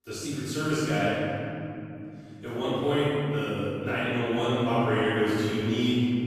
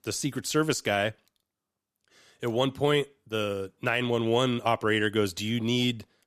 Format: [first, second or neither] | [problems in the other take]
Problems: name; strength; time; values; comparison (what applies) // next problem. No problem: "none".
second | off-mic speech; far // room echo; strong; dies away in 3 s